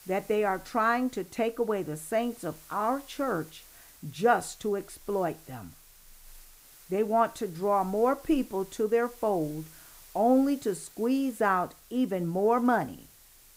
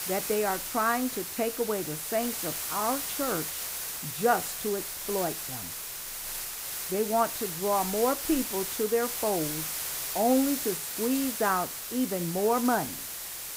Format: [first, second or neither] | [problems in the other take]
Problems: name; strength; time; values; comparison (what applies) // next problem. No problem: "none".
first | hiss; loud; throughout; 3 dB below the speech; faint in the first